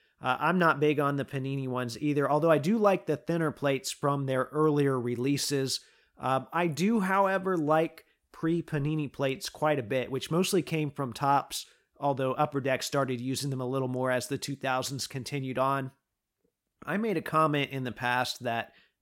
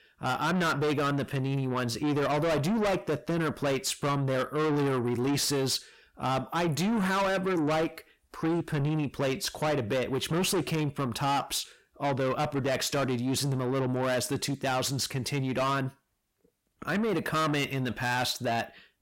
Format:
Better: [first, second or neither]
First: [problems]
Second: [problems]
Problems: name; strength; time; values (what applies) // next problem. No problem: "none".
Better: first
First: none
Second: distortion; heavy; 6 dB below the speech